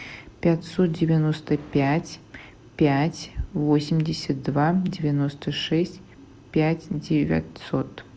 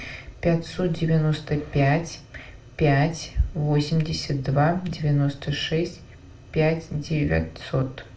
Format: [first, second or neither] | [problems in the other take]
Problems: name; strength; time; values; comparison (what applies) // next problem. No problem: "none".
first | room echo; dies away in 0.3 s